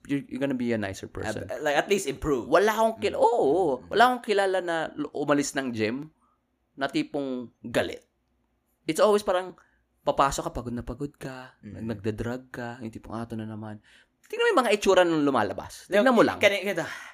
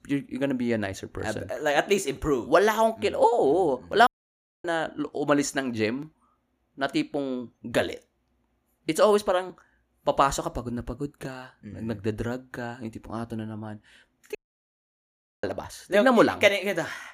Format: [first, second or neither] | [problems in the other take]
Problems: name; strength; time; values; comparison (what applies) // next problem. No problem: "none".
first | audio cutting out; at 4 s for 0.5 s and at 14 s for 1 s